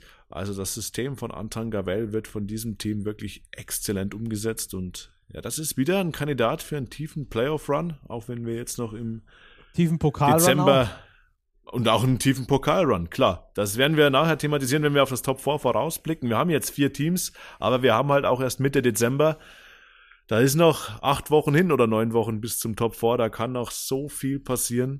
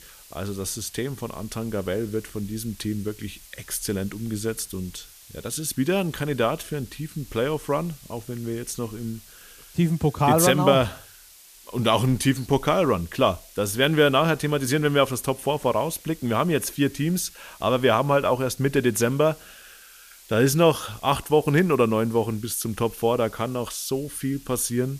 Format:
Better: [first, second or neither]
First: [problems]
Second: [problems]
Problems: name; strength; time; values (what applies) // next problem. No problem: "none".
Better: first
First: none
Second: hiss; faint; throughout; 20 dB below the speech